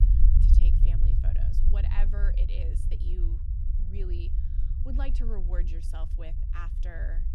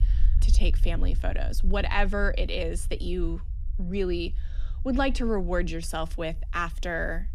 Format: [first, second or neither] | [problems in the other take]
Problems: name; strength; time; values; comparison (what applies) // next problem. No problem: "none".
second | low rumble; loud; throughout; 2 dB below the speech; faint in the second